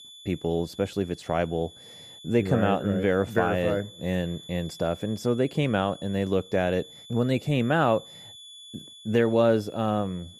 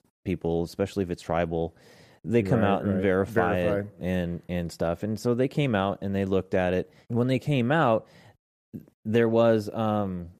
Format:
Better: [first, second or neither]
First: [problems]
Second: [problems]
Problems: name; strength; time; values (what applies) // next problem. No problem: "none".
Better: second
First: high-pitched whine; noticeable; throughout; 3.5 kHz, 20 dB below the speech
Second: none